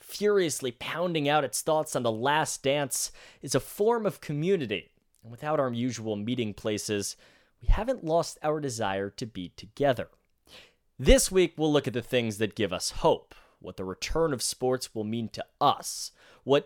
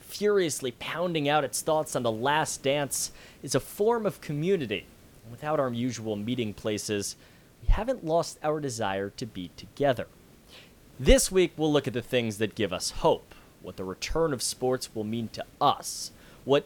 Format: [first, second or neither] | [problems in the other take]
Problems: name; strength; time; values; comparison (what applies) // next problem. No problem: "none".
first | hiss; faint; throughout; 25 dB below the speech